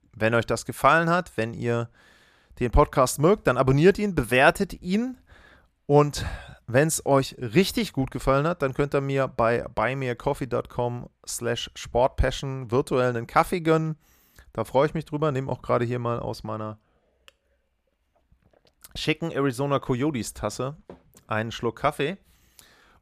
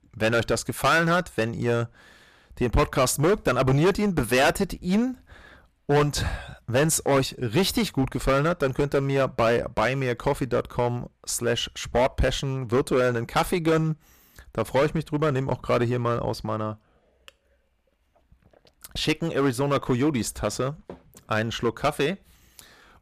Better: first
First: none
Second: distortion; heavy; 8% of the sound clipped

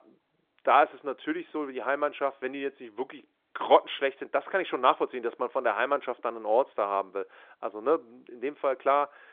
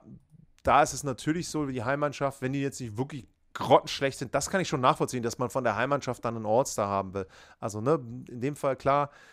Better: second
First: phone-call audio; nothing above 3.5 kHz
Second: none

